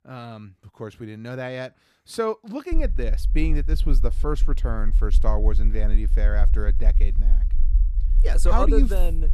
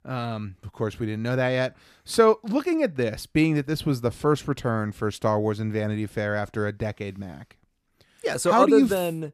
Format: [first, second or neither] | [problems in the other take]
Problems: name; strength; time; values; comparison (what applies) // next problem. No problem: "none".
second | low rumble; noticeable; from 2.5 s on; 15 dB below the speech